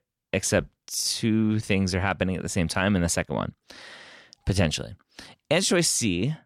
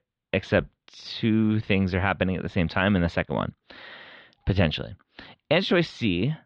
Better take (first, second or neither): first